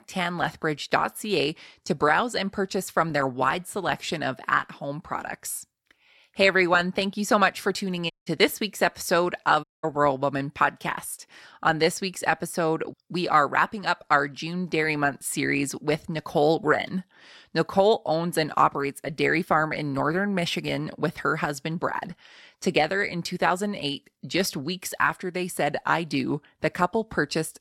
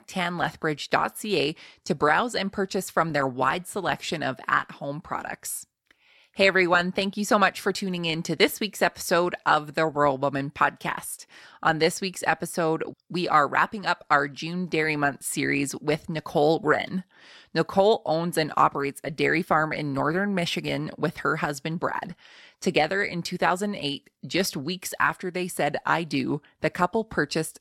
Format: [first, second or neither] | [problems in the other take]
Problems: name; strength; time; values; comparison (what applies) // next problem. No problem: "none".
second | audio cutting out; at 8 s and at 9.5 s